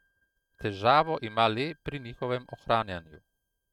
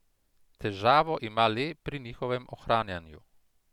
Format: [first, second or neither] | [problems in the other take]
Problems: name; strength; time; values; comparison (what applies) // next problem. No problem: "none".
second | noise reduction (neural mask model RNNoise)